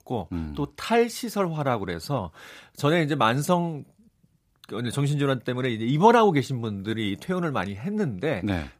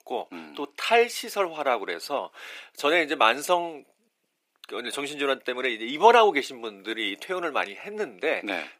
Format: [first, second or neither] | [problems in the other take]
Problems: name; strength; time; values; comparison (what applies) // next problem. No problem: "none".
first | thin; very; fading below 350 Hz